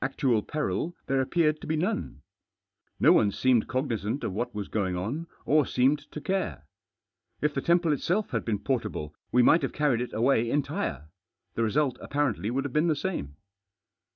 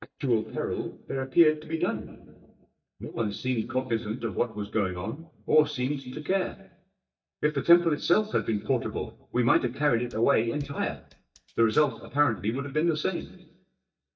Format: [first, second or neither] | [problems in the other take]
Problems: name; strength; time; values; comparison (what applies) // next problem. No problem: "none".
first | noise reduction (neural mask model DeepFilterNet 3)